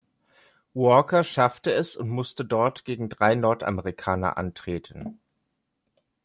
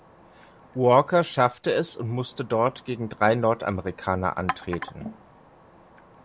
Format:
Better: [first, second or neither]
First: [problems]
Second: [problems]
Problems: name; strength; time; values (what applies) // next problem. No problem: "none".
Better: first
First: none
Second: background sound (Chink, clink); 17 dB below the speech